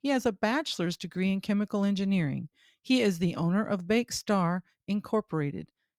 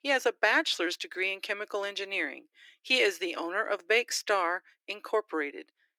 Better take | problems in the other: first | thin; very; fading below 300 Hz

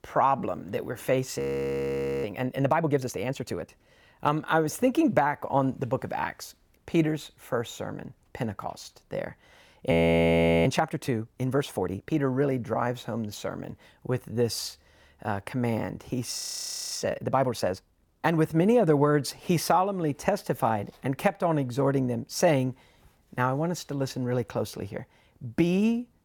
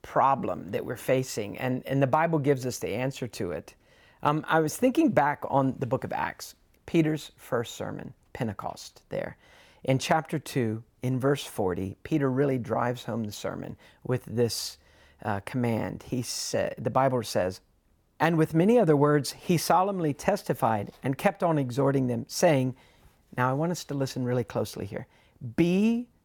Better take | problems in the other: second | audio freezing; at 1.5 s for 1 s, at 10 s for 0.5 s and at 16 s for 0.5 s

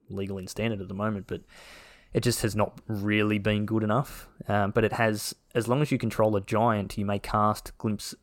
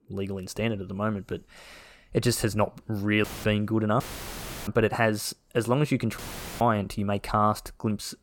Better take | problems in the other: first | audio cutting out; filled with static; at 3 s, at 4 s for 0.5 s and at 6 s

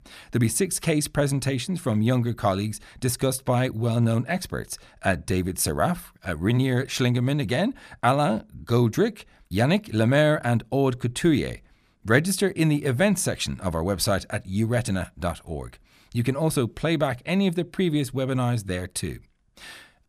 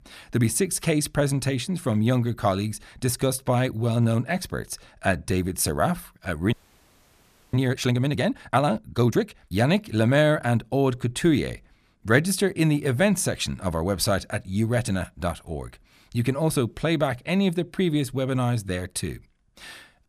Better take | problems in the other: first | audio freezing; at 6.5 s for 1 s

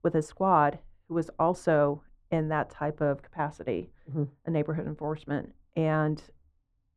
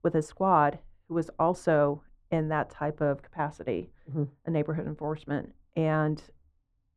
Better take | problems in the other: neither | muffled; very; fading above 1.5 kHz; the same in both

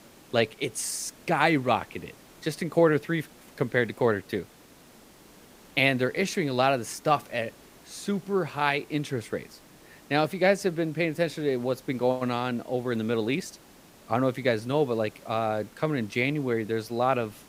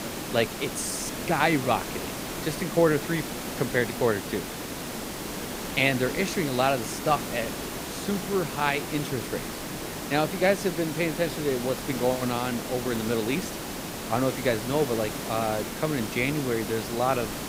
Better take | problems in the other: first | hiss; loud; throughout; 6 dB below the speech; faint in the first

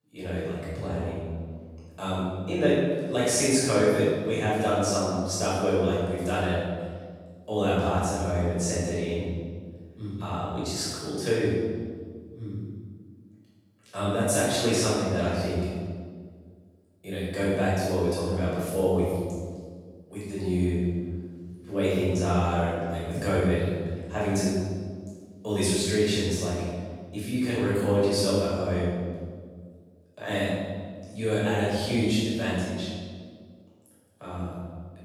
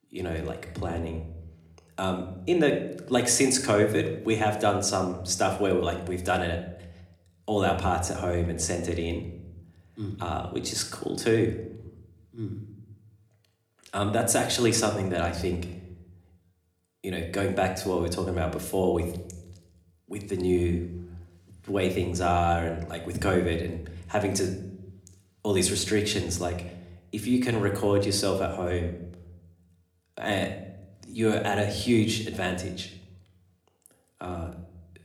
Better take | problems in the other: second | room echo; strong; dies away in 1.5 s; slight in the second // off-mic speech; far

